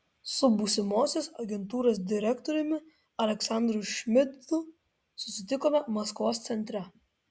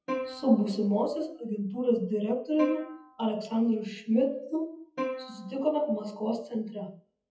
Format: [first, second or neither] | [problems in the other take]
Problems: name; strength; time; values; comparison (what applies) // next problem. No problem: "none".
first | noise reduction (classical method WPE with log-MMSE)